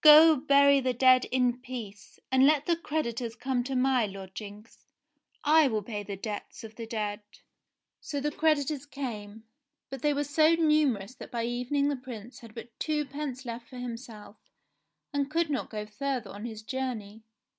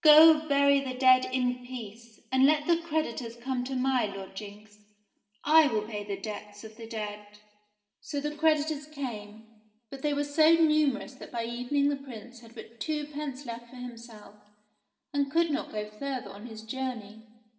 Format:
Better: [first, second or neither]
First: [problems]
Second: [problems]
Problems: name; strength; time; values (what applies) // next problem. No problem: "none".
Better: first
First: none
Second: room echo; dies away in 0.9 s